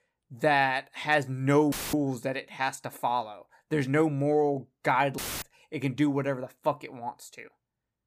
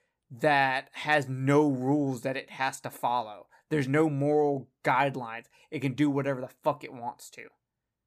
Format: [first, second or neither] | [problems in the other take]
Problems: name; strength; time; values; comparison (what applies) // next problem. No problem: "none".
second | audio cutting out; filled with static; at 1.5 s and at 5 s